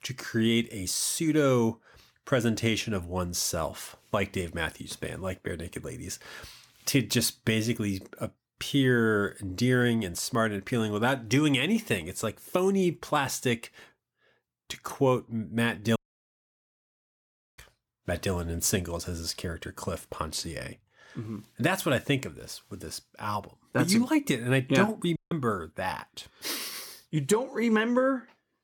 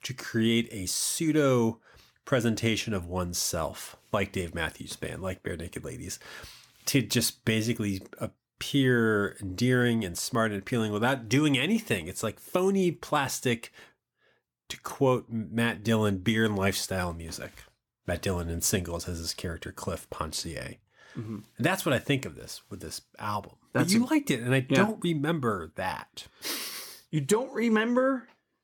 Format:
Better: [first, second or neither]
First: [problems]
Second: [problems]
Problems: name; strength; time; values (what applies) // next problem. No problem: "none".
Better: second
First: audio cutting out; at 16 s for 1.5 s and at 25 s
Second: none